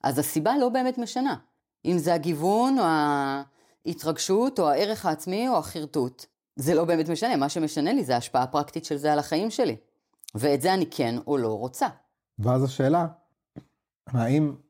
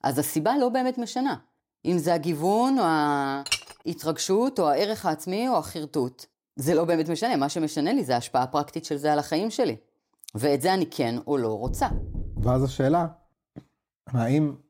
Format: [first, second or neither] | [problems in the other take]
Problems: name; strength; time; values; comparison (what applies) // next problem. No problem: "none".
first | clattering dishes; noticeable; at 3.5 s; peak 2 dB below the speech // door banging; noticeable; from 12 to 13 s; peak 8 dB below the speech